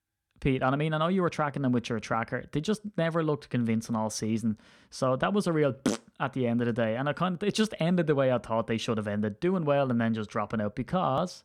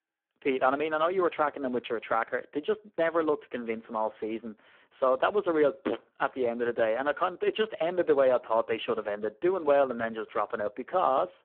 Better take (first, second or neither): first